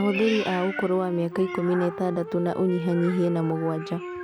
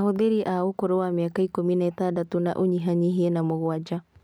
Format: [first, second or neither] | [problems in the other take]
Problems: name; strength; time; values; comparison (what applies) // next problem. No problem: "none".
second | background sound (Wind instrument, woodwind instrument + Meow); 10 dB below the speech